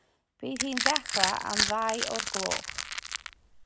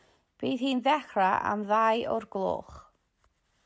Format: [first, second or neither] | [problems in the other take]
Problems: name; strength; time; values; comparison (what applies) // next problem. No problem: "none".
second | background sound (Crushing); 3 dB above the speech